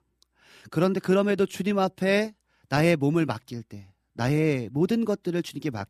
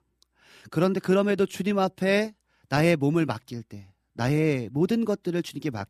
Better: neither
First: none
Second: none

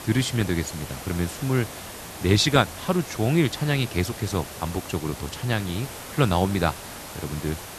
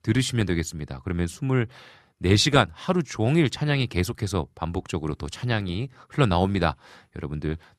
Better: second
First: hiss; noticeable; throughout; 10 dB below the speech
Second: none

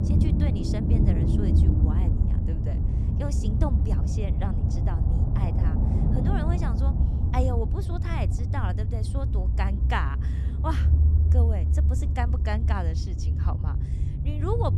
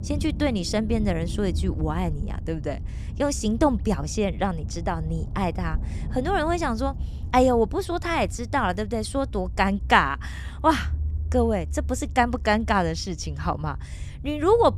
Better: second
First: low rumble; loud; throughout; 2 dB below the speech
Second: low rumble; faint; throughout; 20 dB below the speech

